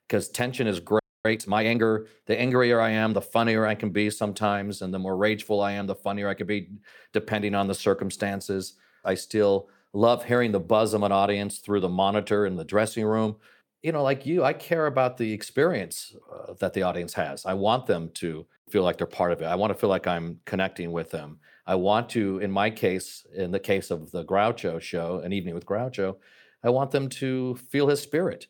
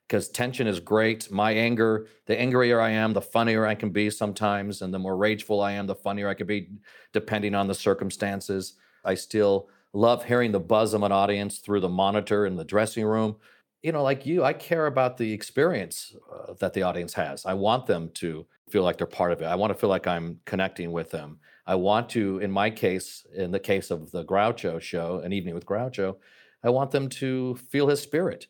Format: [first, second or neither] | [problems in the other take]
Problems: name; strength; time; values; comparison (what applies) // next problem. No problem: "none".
second | audio freezing; at 1 s